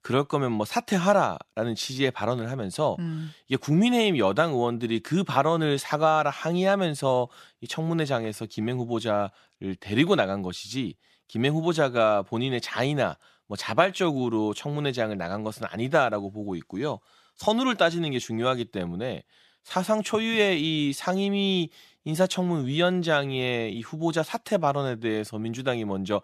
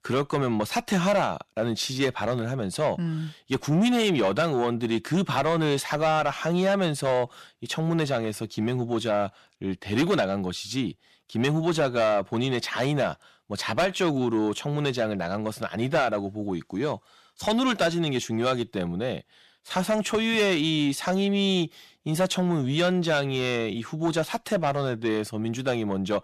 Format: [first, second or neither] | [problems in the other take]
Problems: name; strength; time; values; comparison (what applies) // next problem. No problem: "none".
first | distortion; slight; 10 dB below the speech